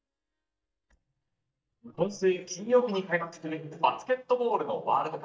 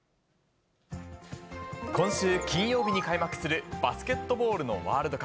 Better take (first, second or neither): second